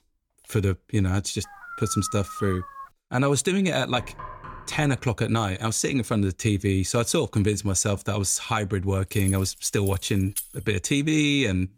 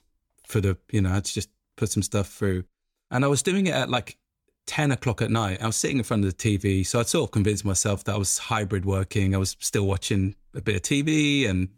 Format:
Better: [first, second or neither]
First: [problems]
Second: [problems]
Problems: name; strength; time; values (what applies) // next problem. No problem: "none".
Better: second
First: dog barking; noticeable; from 1.5 to 3 s; peak 10 dB below the speech // door banging; faint; from 4 to 5 s; peak 15 dB below the speech // jangling keys; noticeable; from 9 to 11 s; peak 7 dB below the speech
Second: none